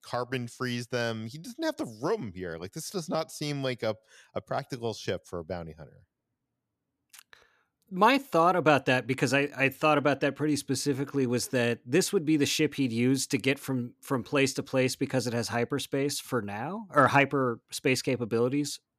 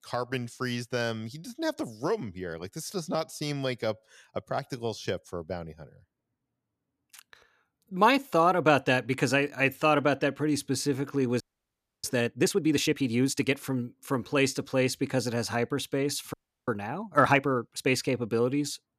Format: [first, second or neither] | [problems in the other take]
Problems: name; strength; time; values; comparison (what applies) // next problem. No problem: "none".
first | audio freezing; at 11 s for 0.5 s and at 16 s